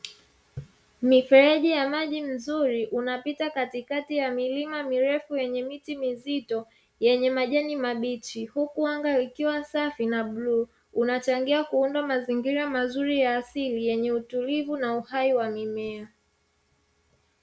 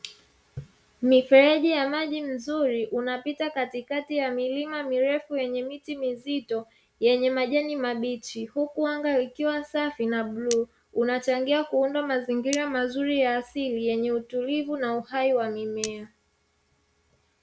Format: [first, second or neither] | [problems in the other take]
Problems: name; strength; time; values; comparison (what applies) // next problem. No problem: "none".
first | background sound (Cutlery, silverware); 17 dB below the speech